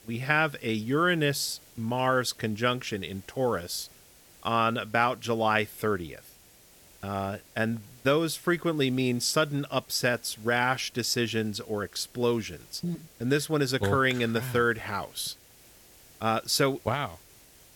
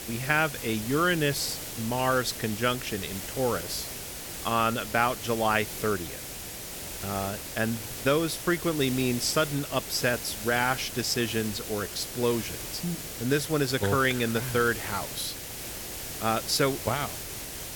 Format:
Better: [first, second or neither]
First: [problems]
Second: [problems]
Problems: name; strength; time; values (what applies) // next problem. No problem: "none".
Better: first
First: hiss; faint; throughout; 25 dB below the speech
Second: hiss; loud; throughout; 7 dB below the speech